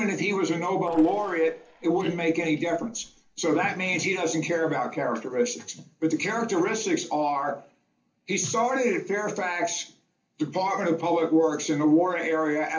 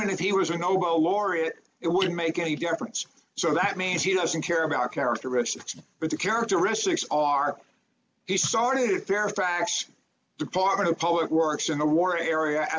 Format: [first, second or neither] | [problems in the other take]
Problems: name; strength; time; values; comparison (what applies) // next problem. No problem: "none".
second | noise reduction (neural separator model SepFormer DNS4)